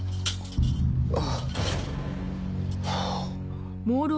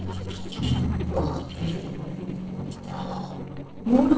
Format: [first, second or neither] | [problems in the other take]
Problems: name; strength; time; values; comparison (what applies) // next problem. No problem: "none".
first | noise reduction (neural separator model SepFormer DNS4)